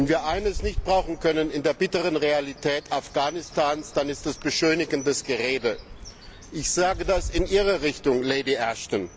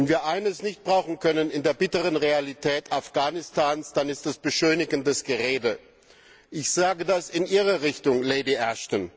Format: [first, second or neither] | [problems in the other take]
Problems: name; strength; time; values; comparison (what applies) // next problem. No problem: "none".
second | background sound (Bird); 12 dB below the speech